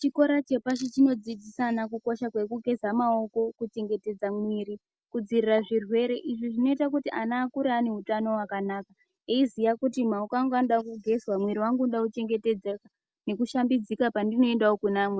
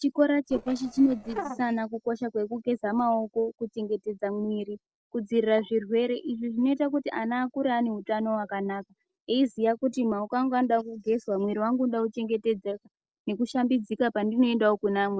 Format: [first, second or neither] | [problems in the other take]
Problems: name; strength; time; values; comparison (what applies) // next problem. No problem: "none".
first | noise reduction (neural separator model SepFormer DNS4)